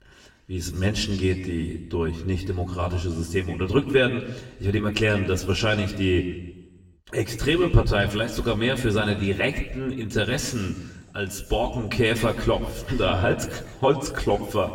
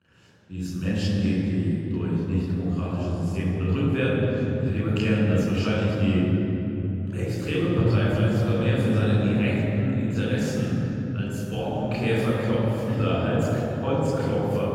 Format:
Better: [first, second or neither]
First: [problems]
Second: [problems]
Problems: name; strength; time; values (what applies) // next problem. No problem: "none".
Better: first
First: room echo; slight; dies away in 1.1 s // off-mic speech; somewhat distant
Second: room echo; strong; dies away in 3 s // off-mic speech; far